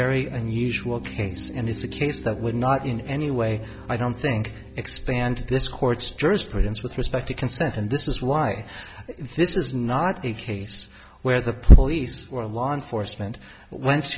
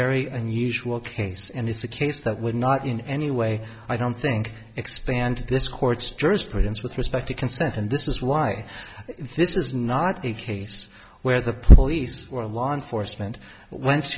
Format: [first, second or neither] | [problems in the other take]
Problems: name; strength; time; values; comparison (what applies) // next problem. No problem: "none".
second | background sound (Piano); 19 dB below the speech